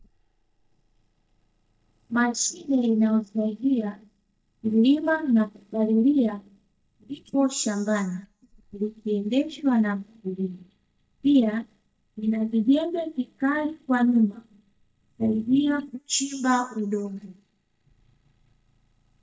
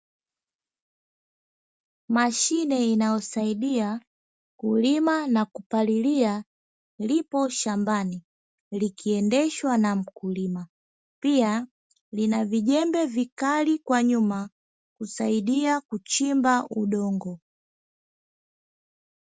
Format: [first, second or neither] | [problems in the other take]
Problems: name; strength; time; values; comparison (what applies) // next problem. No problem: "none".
second | noise reduction (neural mask model DeepFilterNet 3)